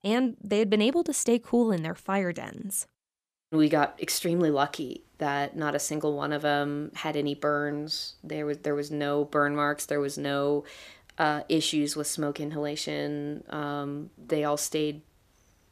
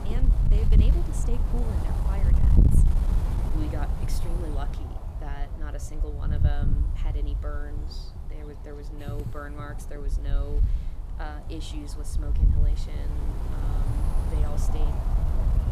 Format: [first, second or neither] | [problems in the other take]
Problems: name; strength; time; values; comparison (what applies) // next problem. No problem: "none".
first | wind noise on the microphone; heavy; as loud as the speech